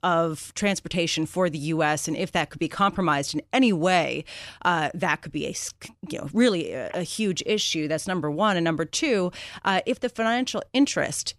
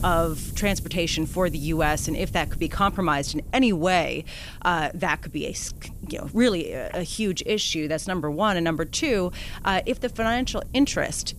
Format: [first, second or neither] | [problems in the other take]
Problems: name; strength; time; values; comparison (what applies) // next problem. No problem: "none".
first | wind noise on the microphone; occasional gusts; 25 dB below the speech